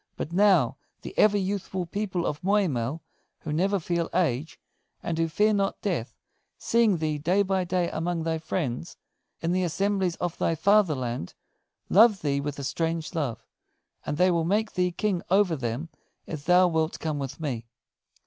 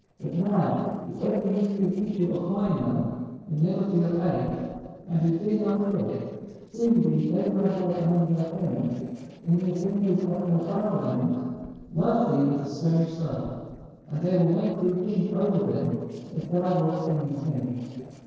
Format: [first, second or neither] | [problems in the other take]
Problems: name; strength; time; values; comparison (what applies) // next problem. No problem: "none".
first | noise reduction (neural separator model SepFormer DNS4)